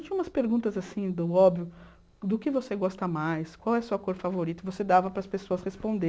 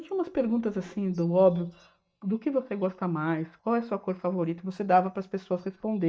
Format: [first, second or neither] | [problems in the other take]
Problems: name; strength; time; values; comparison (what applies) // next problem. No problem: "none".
first | noise reduction (neural mask model DeepFilterNet 3)